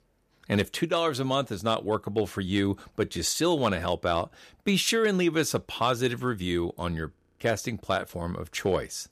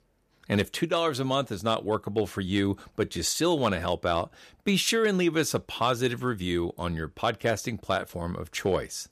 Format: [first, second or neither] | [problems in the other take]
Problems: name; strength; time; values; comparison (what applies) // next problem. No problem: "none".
second | audio freezing; at 7 s